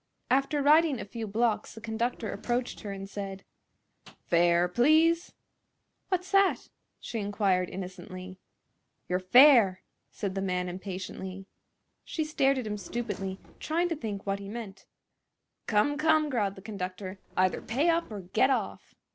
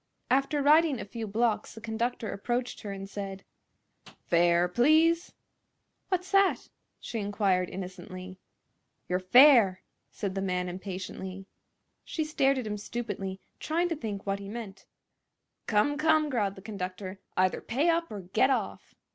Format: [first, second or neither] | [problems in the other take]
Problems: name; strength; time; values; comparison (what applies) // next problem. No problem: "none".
second | background sound (Drawer open or close); 19 dB below the speech